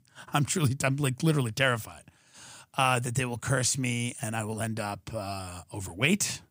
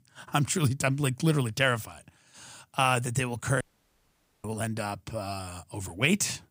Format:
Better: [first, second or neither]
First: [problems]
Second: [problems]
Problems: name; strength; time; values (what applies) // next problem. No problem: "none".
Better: first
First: none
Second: audio cutting out; at 3.5 s for 1 s